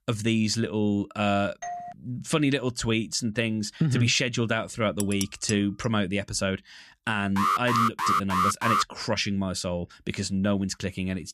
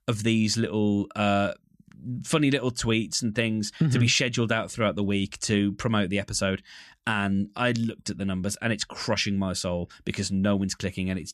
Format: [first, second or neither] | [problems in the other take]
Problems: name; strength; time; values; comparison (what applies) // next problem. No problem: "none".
second | doorbell; noticeable; at 1.5 s; peak 9 dB below the speech // clattering dishes; noticeable; at 5 s; peak 7 dB below the speech // alarm; loud; from 7.5 to 9 s; peak 3 dB above the speech